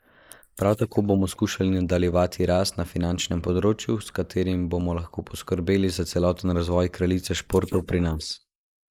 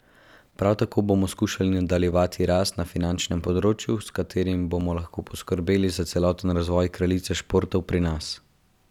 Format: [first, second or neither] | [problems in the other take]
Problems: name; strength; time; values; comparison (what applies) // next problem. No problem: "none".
second | noise reduction (neural mask model Resemble Enhance denoiser)